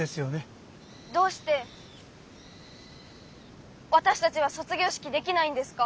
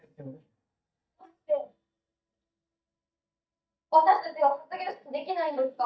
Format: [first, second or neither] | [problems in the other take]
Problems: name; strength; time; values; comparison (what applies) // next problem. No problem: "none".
first | noise reduction (neural mask model DeepFilterNet 3)